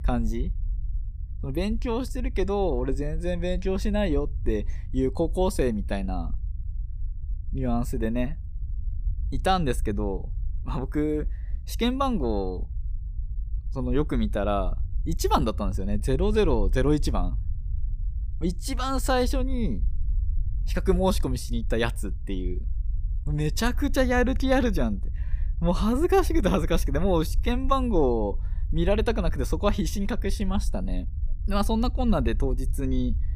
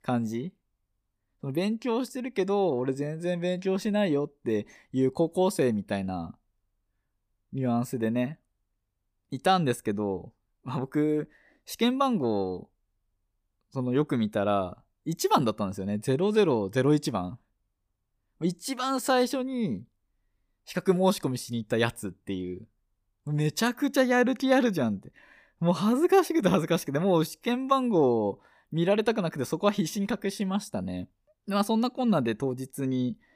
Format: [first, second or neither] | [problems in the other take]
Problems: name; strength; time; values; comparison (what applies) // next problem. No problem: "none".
second | low rumble; faint; throughout; 25 dB below the speech